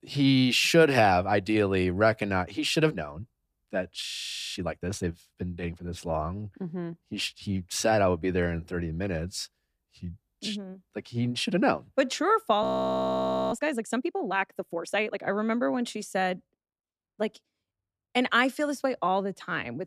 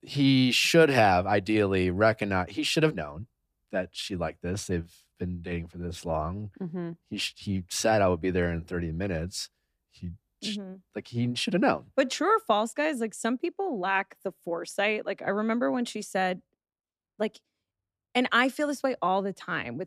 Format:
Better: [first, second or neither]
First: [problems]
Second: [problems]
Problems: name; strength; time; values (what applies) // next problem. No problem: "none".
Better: second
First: audio freezing; at 4 s and at 13 s for 1 s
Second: none